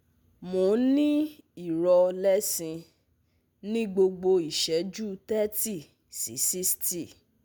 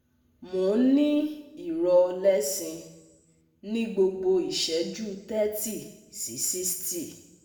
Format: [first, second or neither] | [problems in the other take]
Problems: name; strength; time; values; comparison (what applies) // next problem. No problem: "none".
first | room echo; dies away in 0.9 s